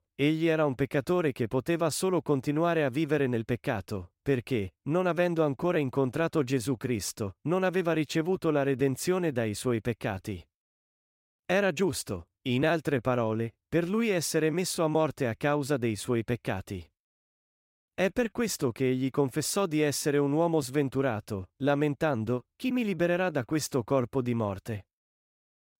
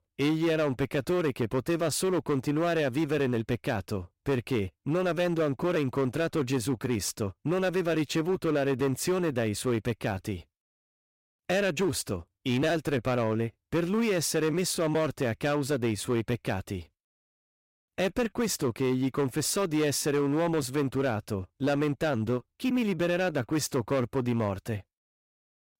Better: first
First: none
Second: distortion; slight; 10% of the sound clipped

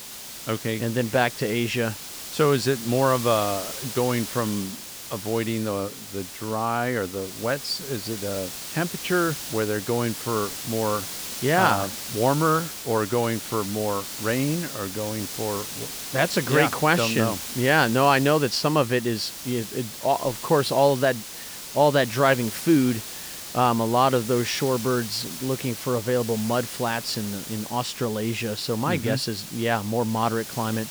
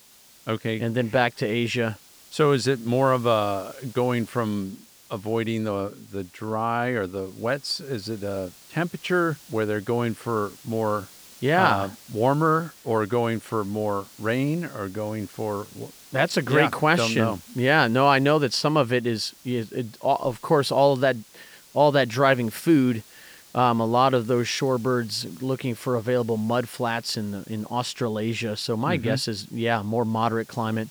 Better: second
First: hiss; loud; throughout; 9 dB below the speech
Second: hiss; faint; throughout; 25 dB below the speech

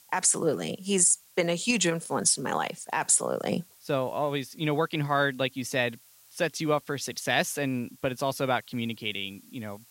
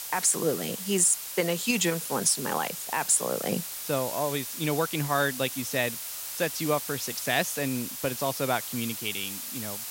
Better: first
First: hiss; faint; throughout; 25 dB below the speech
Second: hiss; loud; throughout; 6 dB below the speech

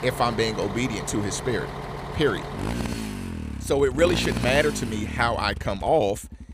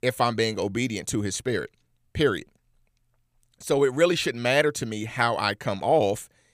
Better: second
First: traffic noise; loud; throughout; 7 dB below the speech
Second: none

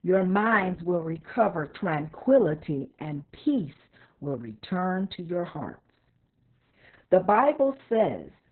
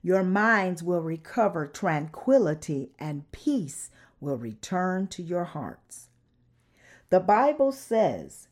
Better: second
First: garbled, watery; badly; nothing above 4 kHz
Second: none

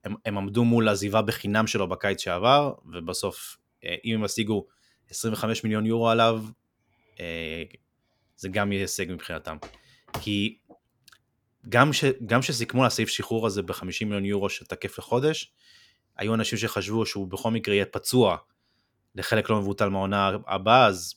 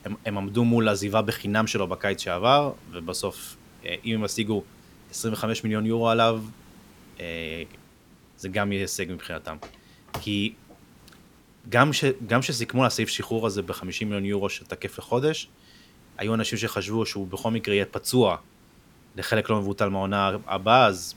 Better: first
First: none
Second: hiss; faint; throughout; 25 dB below the speech

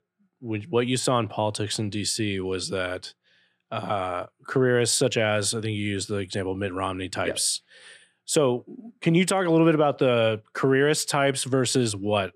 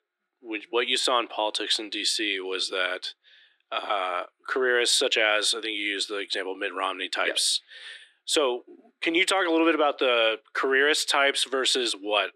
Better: first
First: none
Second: thin; very; fading below 300 Hz

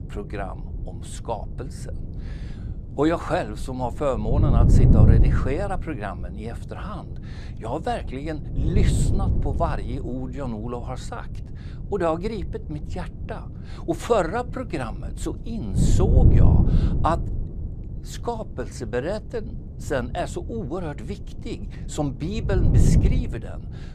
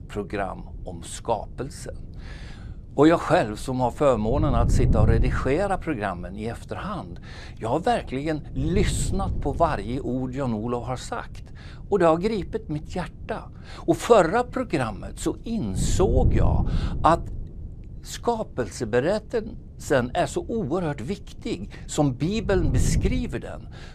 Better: second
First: wind noise on the microphone; heavy; 6 dB below the speech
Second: wind noise on the microphone; occasional gusts; 15 dB below the speech

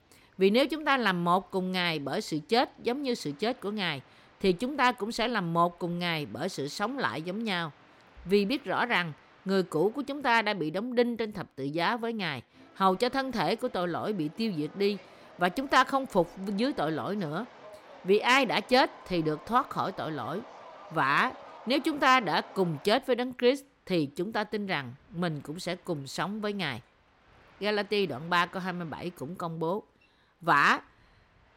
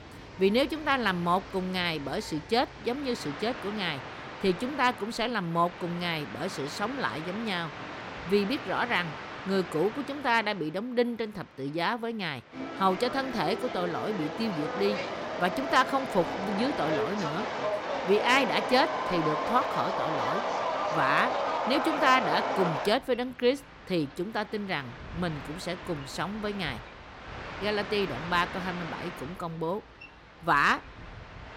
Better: first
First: train or aircraft noise; faint; throughout; 25 dB below the speech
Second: train or aircraft noise; loud; throughout; 5 dB below the speech

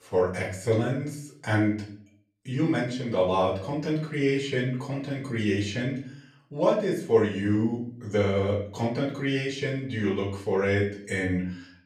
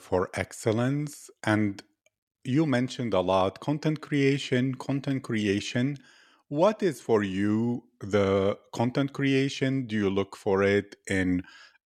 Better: second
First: room echo; slight; dies away in 0.4 s // off-mic speech; far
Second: none

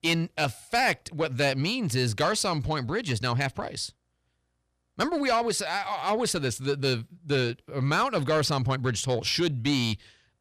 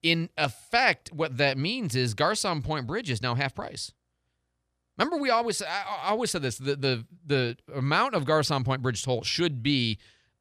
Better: second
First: distortion; slight; 10 dB below the speech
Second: none

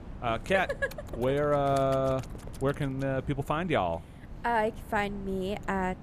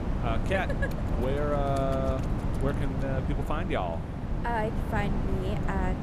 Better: first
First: wind noise on the microphone; occasional gusts; 20 dB below the speech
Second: wind noise on the microphone; heavy; 6 dB below the speech

